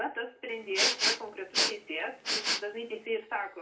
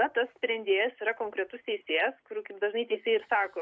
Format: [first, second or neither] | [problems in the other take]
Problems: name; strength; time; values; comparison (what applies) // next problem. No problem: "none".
second | background sound (Respiratory sounds); 5 dB above the speech // room echo; dies away in 0.3 s